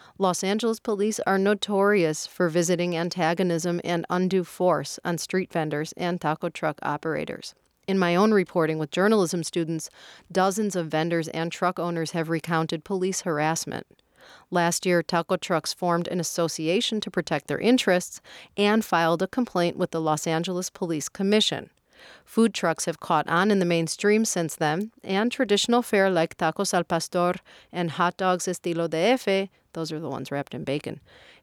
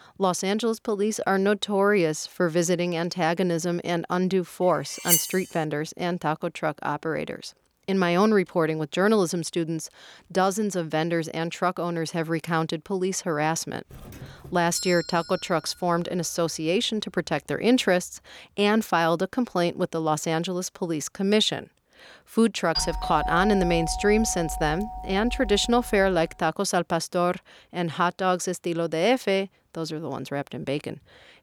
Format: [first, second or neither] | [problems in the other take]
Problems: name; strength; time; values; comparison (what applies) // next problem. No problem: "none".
first | clattering dishes; loud; at 5 s; peak 4 dB above the speech // doorbell; noticeable; from 14 to 16 s and from 23 to 26 s; peak 3 dB below the speech